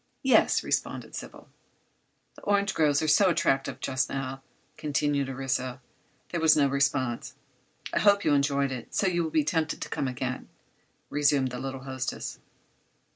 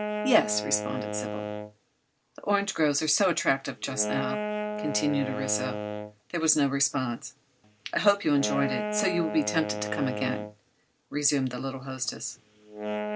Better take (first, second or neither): first